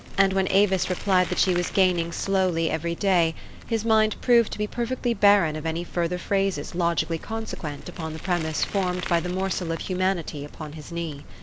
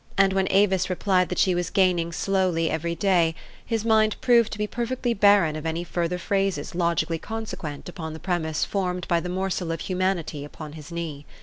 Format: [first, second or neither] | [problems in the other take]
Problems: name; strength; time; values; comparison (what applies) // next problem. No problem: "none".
second | background sound (Bicycle); 16 dB below the speech